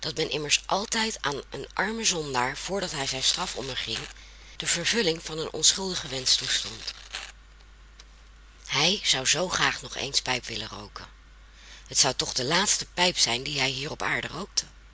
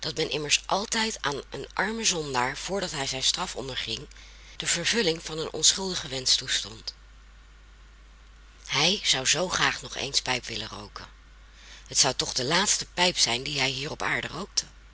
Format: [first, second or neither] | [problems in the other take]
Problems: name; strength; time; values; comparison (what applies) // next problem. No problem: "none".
second | background sound (Tearing); 13 dB below the speech